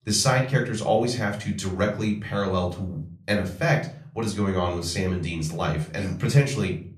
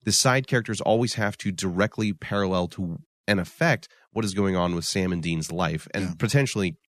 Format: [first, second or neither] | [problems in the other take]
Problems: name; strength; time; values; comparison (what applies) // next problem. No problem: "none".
second | off-mic speech; far // room echo; very slight; dies away in 0.4 s